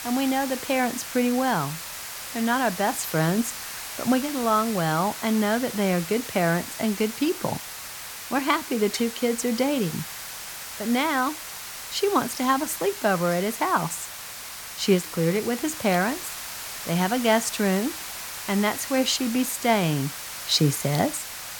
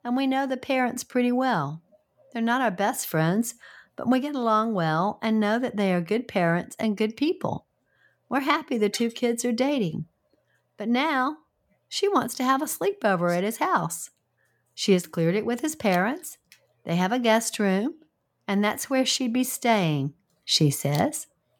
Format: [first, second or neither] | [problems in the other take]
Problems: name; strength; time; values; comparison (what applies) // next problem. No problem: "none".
second | hiss; loud; throughout; 9 dB below the speech